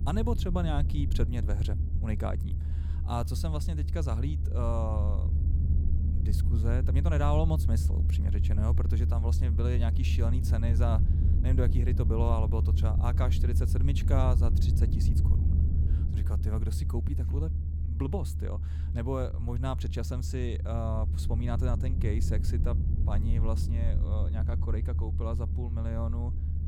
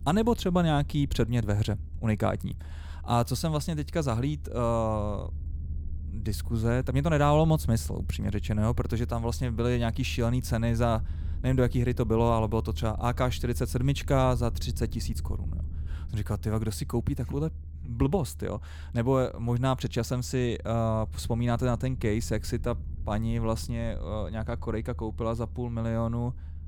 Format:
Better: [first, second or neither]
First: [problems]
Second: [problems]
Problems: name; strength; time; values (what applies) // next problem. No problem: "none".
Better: second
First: low rumble; loud; throughout; 6 dB below the speech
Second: low rumble; faint; throughout; 25 dB below the speech